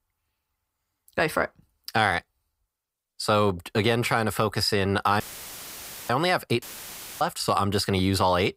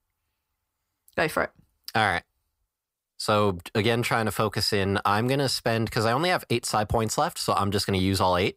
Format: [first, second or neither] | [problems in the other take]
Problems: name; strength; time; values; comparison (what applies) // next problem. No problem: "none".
second | audio cutting out; filled with static; at 5 s for 1 s and at 6.5 s for 0.5 s